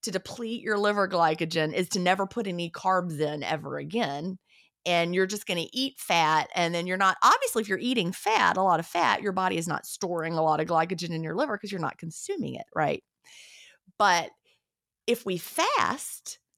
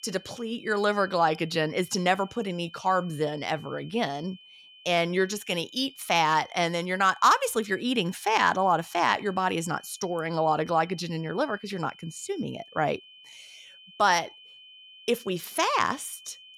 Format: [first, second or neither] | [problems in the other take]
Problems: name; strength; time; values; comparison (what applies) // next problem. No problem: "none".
first | high-pitched whine; faint; throughout; 3 kHz, 20 dB below the speech